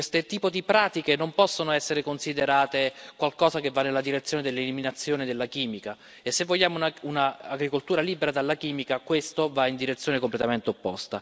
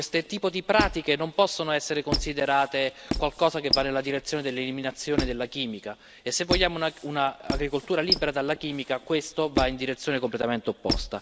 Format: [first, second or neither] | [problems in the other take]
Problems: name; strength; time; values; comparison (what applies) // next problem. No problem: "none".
first | background sound (Squeak); 6 dB below the speech